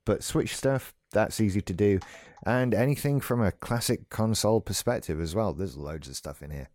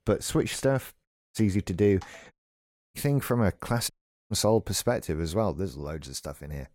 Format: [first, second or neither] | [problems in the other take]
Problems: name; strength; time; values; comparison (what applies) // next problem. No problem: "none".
first | audio cutting out; at 1 s, at 2.5 s for 0.5 s and at 4 s